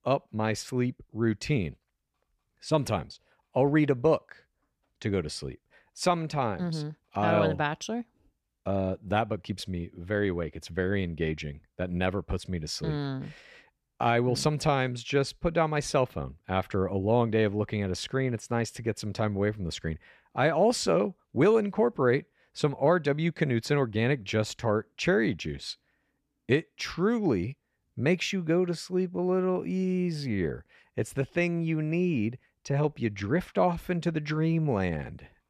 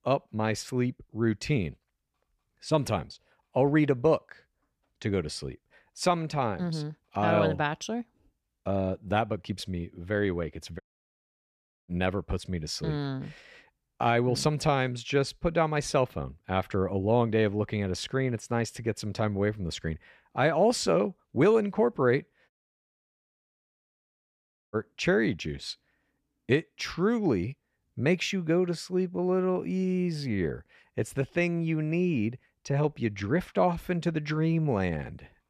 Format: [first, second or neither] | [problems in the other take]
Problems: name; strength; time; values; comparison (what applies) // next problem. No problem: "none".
first | audio cutting out; at 11 s for 1 s and at 23 s for 2 s